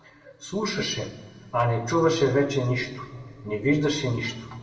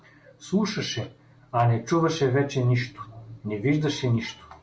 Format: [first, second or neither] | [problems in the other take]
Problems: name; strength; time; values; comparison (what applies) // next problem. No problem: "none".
second | room echo; dies away in 1.6 s